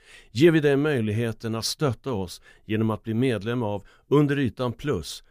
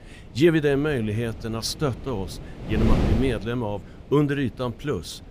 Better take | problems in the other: first | wind noise on the microphone; heavy; 9 dB below the speech

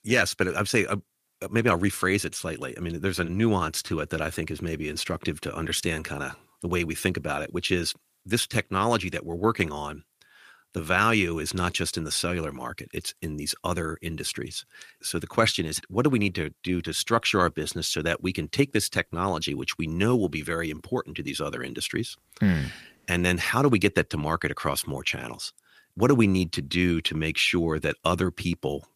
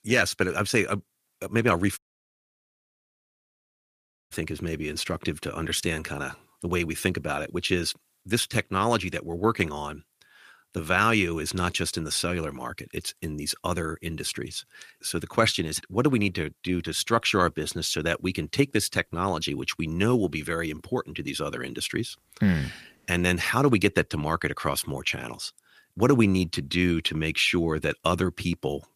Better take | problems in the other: first | audio cutting out; at 2 s for 2.5 s

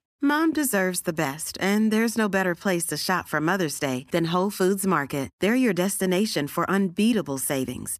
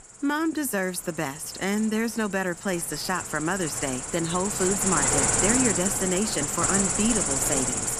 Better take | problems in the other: first | animal sounds; very loud; throughout; 3 dB above the speech

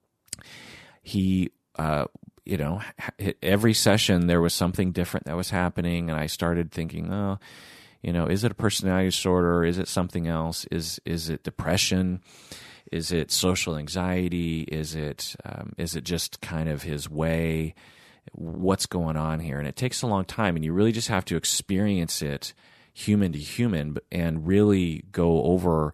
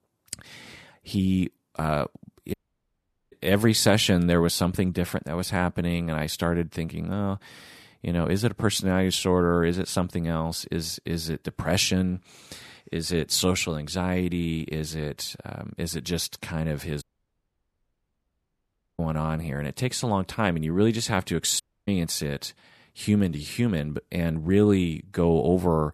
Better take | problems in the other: first | audio cutting out; at 2.5 s for 1 s, at 17 s for 2 s and at 22 s

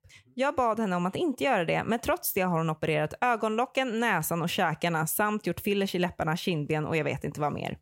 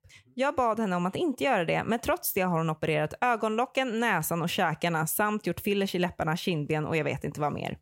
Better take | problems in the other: neither | none

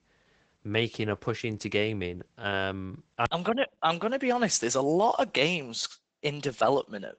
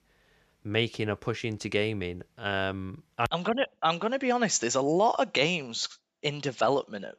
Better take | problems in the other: second | garbled, watery; badly; nothing above 8 kHz

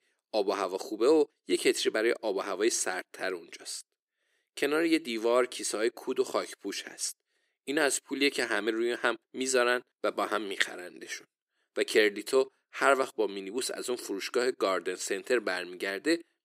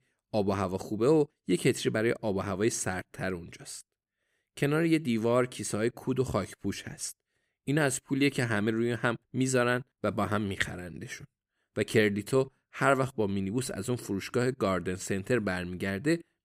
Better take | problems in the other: second | thin; somewhat; fading below 350 Hz

